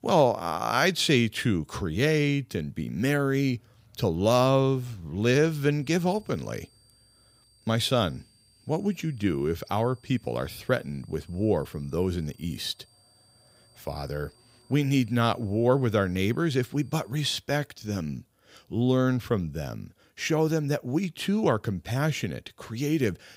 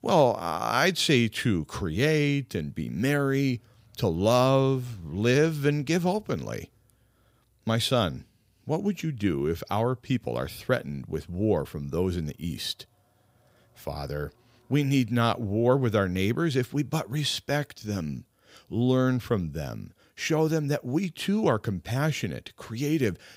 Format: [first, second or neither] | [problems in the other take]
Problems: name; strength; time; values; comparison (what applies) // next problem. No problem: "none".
second | high-pitched whine; faint; from 6 to 17 s; 4.5 kHz, 35 dB below the speech